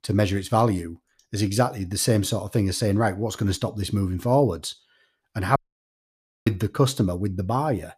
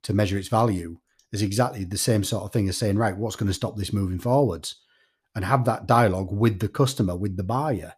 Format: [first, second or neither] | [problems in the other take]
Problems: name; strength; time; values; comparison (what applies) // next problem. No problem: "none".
second | audio cutting out; at 5.5 s for 1 s